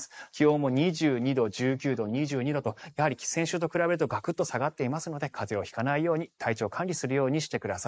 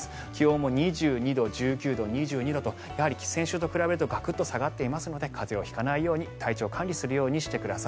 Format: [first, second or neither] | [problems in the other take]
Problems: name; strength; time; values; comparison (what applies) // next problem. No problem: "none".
second | noise reduction (neural mask model Resemble Enhance denoiser)